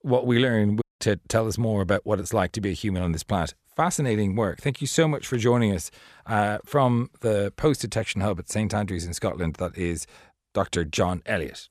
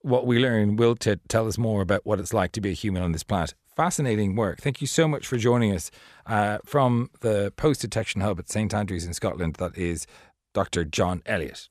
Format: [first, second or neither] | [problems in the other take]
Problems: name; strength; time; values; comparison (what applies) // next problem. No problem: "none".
second | audio cutting out; at 1 s